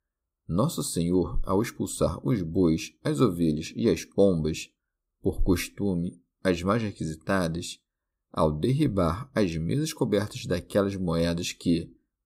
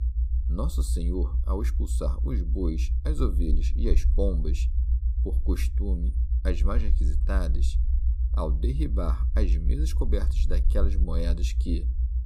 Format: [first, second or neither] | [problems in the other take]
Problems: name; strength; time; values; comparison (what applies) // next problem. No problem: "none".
first | low rumble; loud; throughout; 10 dB below the speech